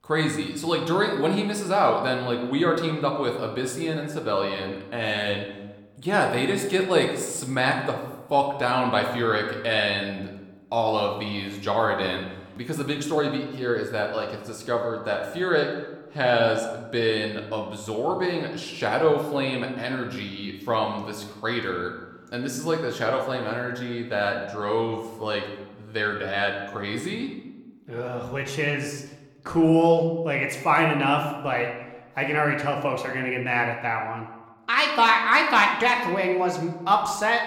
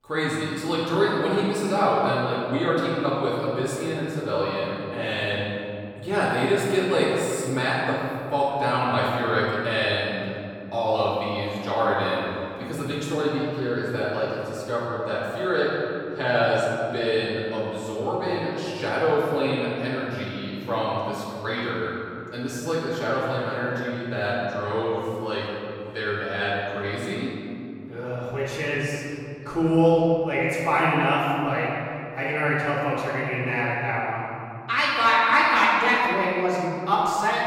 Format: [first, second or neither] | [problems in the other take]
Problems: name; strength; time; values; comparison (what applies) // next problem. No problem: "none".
first | room echo; strong; dies away in 2.5 s; slight in the first // off-mic speech; far